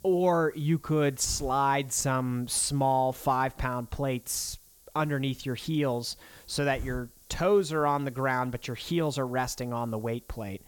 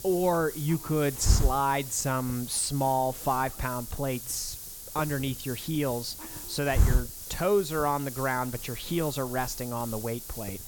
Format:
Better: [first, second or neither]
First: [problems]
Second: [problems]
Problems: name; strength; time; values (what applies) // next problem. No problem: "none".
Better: first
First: hiss; faint; throughout; 20 dB below the speech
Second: hiss; loud; throughout; 5 dB below the speech